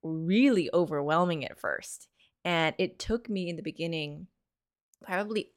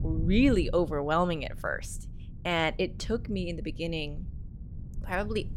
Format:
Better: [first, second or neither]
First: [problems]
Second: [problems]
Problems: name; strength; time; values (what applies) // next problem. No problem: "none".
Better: first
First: none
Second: low rumble; faint; throughout; 20 dB below the speech